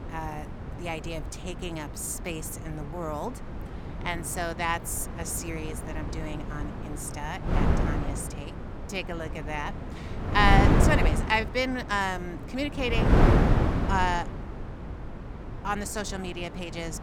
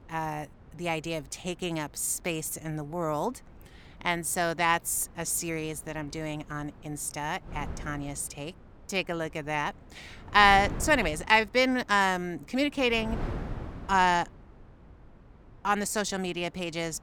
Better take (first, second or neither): second